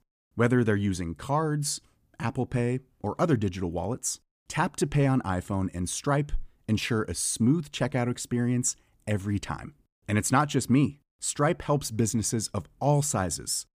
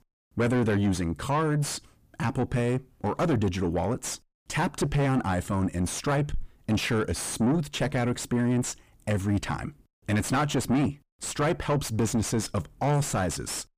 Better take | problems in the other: first | distortion; heavy; 5 dB below the speech

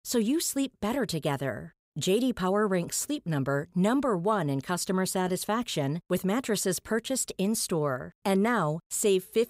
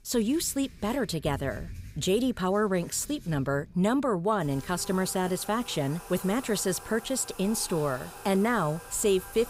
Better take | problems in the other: first | household noises; noticeable; throughout; 15 dB below the speech

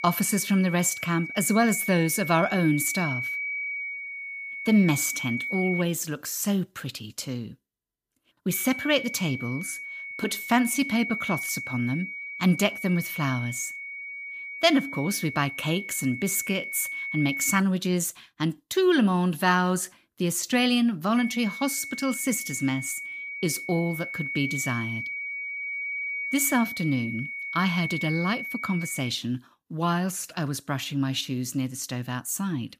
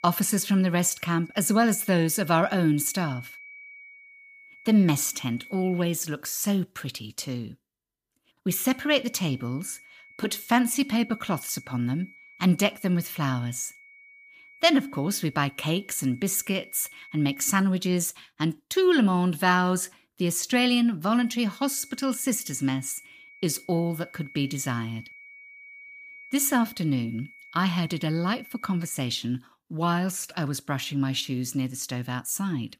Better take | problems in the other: second | high-pitched whine; loud; until 6 s, from 8.5 to 18 s and from 21 to 29 s; 2.5 kHz, 6 dB below the speech; faint in the second

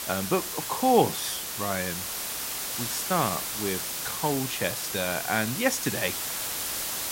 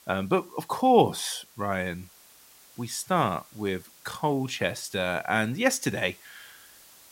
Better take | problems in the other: second | hiss; loud; throughout; 2 dB below the speech; faint in the second

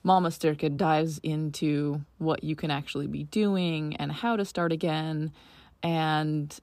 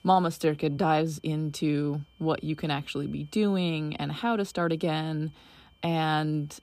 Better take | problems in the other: first | high-pitched whine; faint; throughout; 3 kHz, 35 dB below the speech

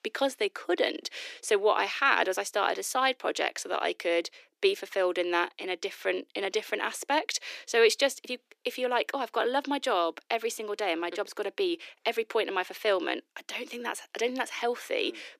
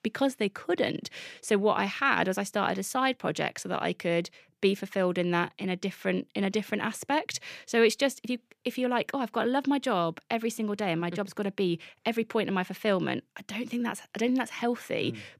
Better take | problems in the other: second | thin; somewhat; fading below 300 Hz

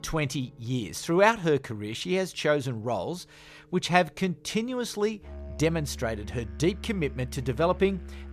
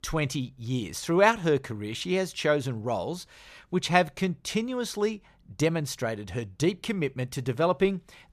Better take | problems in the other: second | background music; noticeable; throughout; 15 dB below the speech

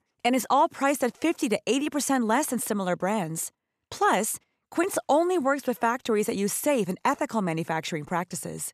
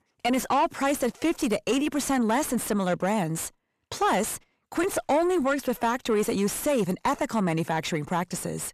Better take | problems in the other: first | distortion; slight; 9 dB below the speech

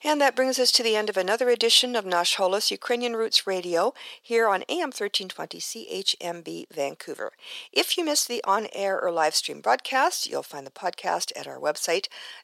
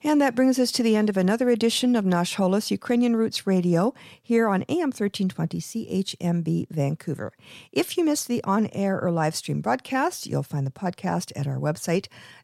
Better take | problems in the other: second | thin; very; fading below 450 Hz

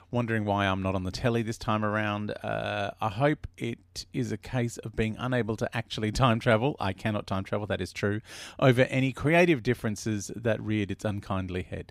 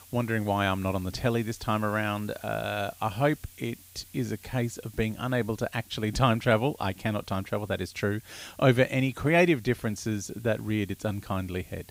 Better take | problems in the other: first | hiss; faint; throughout; 25 dB below the speech

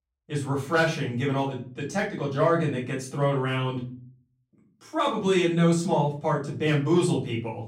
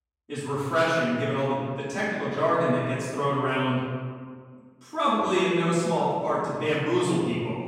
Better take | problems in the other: first | room echo; strong; dies away in 1.6 s; slight in the first // off-mic speech; far; far in the first

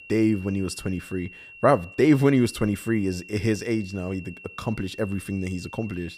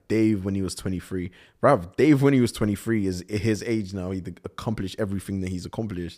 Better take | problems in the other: second | high-pitched whine; noticeable; throughout; 2.5 kHz, 20 dB below the speech

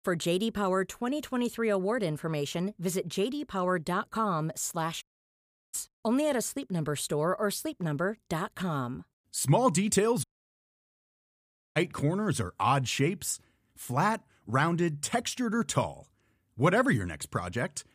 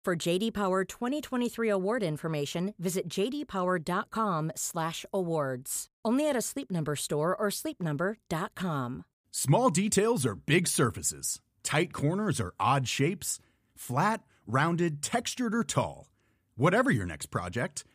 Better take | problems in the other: second | audio cutting out; at 5 s for 0.5 s and at 10 s for 1.5 s

